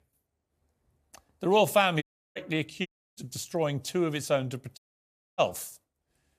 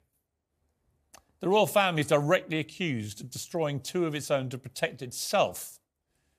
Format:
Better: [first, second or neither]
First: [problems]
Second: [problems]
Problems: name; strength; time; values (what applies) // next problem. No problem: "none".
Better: second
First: audio cutting out; at 2 s, at 3 s and at 5 s for 0.5 s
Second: none